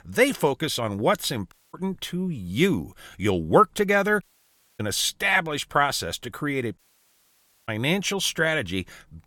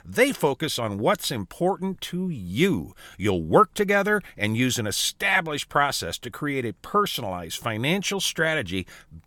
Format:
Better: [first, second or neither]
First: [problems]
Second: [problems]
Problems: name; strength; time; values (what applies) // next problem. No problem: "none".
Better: second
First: audio cutting out; at 1.5 s, at 4 s for 0.5 s and at 7 s for 1 s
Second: none